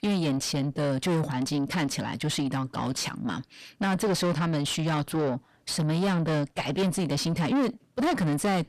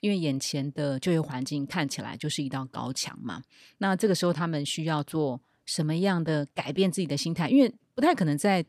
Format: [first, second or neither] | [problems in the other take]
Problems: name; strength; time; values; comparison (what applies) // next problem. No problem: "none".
second | distortion; heavy; 7 dB below the speech